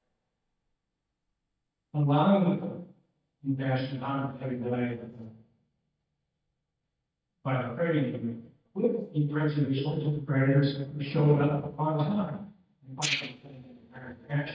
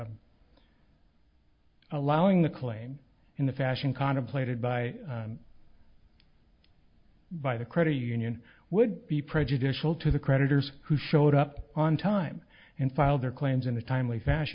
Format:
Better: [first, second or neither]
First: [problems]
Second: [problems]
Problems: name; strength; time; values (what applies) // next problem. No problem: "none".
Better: second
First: noise reduction (neural mask model DeepFilterNet 3)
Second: none